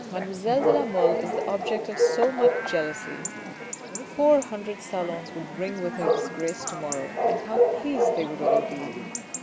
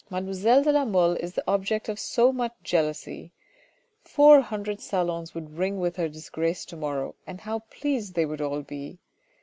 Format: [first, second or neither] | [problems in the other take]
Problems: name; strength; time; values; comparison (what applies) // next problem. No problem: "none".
second | background sound (Bark / Chatter / Chirp, tweet / Livestock, farm animals, working animals); 2 dB above the speech